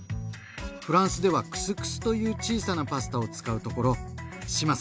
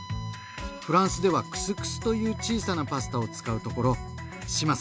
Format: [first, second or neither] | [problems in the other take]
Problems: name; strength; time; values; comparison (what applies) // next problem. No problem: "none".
first | background sound (Bowed string instrument); 19 dB below the speech